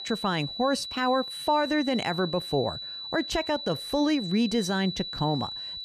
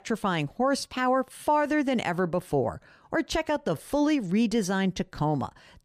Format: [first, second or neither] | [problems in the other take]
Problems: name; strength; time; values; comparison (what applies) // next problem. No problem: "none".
second | high-pitched whine; loud; throughout; 4 kHz, 7 dB below the speech